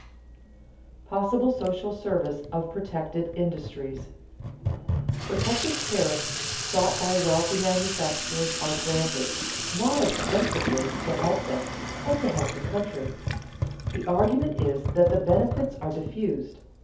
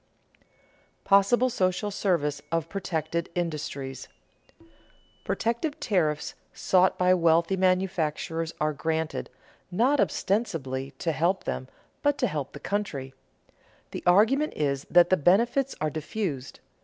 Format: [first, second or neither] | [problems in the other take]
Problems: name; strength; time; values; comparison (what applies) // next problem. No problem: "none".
second | background sound (Sink (filling or washing) / Water tap, faucet); 4 dB below the speech // room echo; dies away in 0.5 s